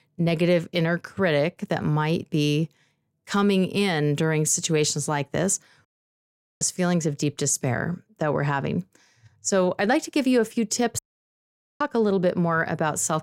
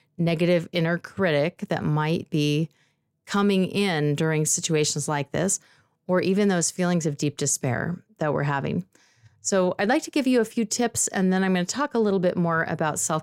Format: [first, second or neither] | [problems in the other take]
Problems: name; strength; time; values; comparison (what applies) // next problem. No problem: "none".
second | audio cutting out; at 6 s for 1 s and at 11 s for 1 s